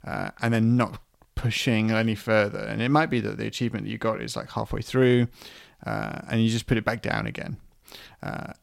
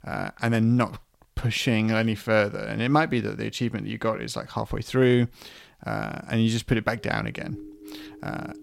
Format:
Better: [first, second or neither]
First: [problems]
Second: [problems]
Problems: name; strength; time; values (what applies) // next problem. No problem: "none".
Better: first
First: none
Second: siren; faint; from 7 s on; peak 15 dB below the speech